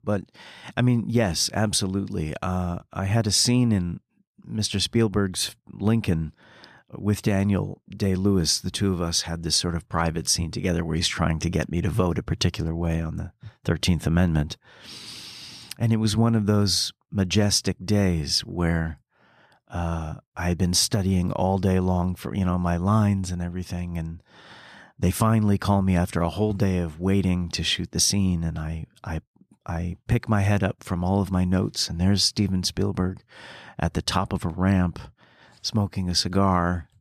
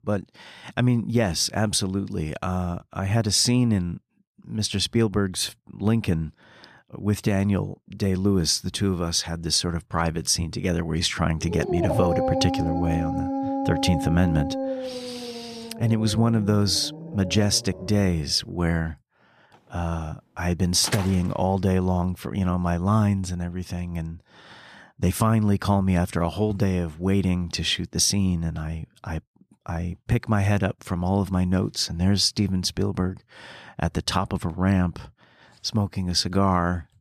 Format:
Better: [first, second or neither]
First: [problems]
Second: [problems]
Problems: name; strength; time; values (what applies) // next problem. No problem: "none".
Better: first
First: none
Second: dog barking; loud; from 11 to 18 s; peak level with the speech // door banging; noticeable; at 21 s; peak 7 dB below the speech